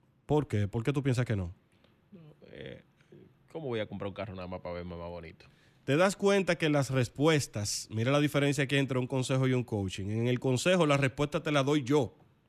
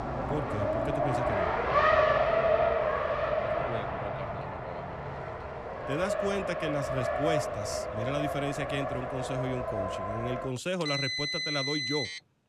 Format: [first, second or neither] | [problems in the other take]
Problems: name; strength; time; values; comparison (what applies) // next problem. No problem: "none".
first | traffic noise; very loud; throughout; 5 dB above the speech